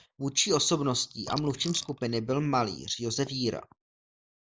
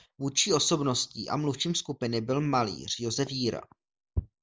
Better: second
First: noise reduction (neural mask model Resemble Enhance denoiser)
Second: none

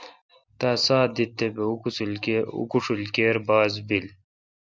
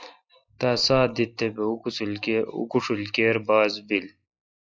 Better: first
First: none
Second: noise reduction (classical method log-MMSE)

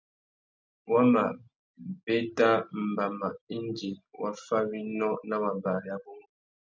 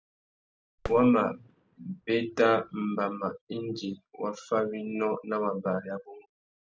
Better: first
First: none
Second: background sound (Fireworks); 16 dB below the speech

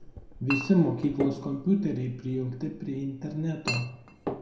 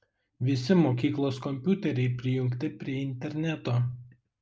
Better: second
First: background sound (Chink, clink); 9 dB below the speech // room echo; dies away in 0.6 s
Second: none

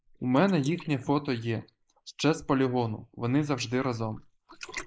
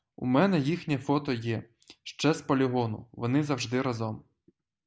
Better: second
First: noise reduction (neural mask model Resemble Enhance denoiser)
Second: none

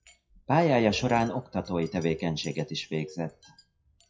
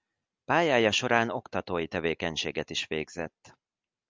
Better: second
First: noise reduction (classical method WPE with log-MMSE)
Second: none

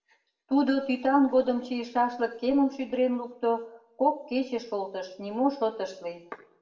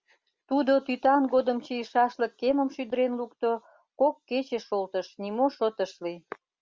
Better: second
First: room echo; dies away in 0.5 s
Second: none

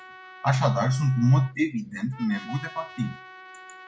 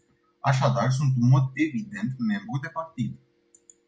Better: second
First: background sound (Trumpet); 19 dB below the speech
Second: none

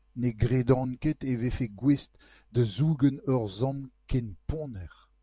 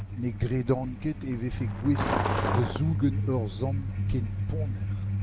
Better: first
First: none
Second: background sound (Truck); 1 dB above the speech

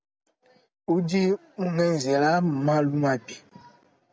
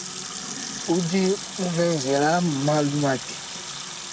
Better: first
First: none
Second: background sound (Sink (filling or washing) / Water tap, faucet); 9 dB below the speech

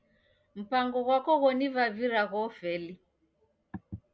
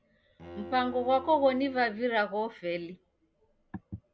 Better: first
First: none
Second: background sound (Bowed string instrument); 17 dB below the speech

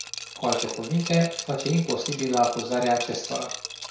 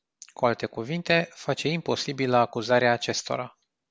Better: second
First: background sound (Liquid); 9 dB below the speech // room echo; dies away in 0.5 s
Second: none

